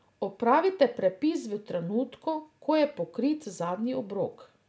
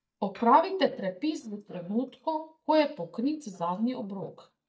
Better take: first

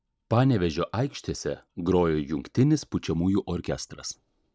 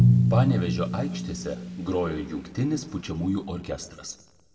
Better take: first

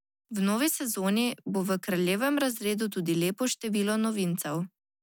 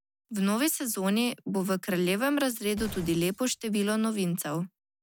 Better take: first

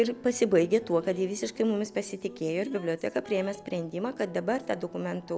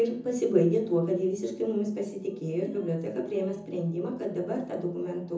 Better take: first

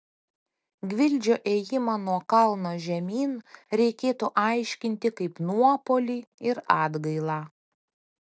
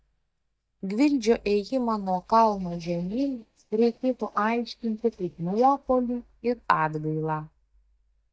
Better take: first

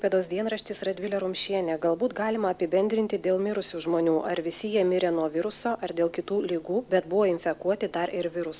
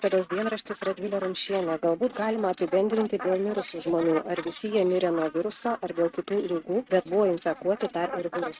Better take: first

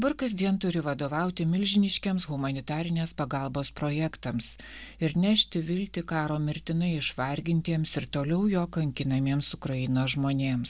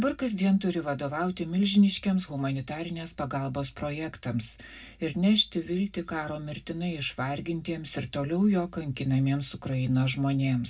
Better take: first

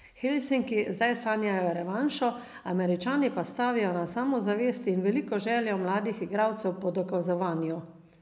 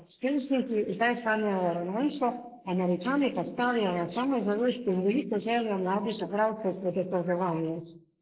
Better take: first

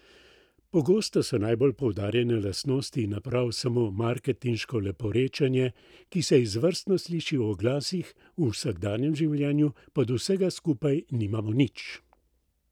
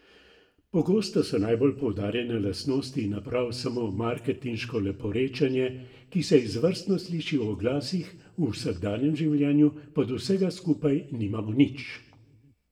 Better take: first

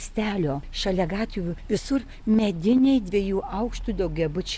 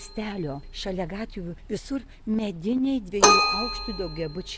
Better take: first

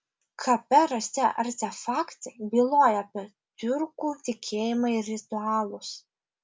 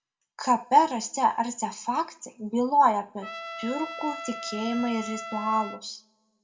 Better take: first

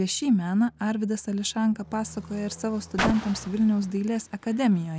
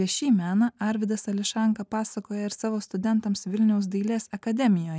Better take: second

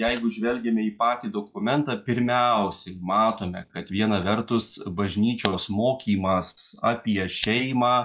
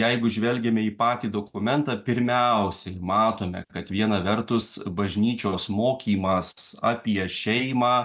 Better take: second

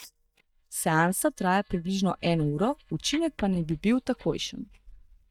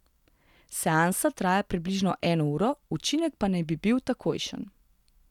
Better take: second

